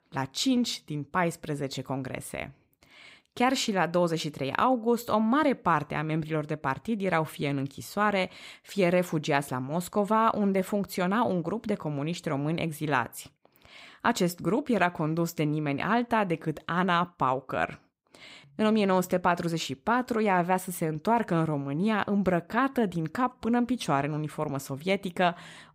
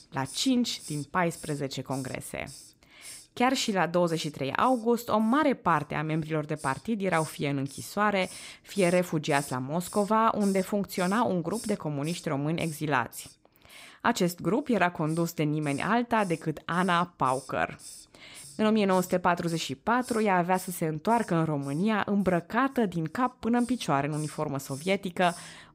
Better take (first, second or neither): first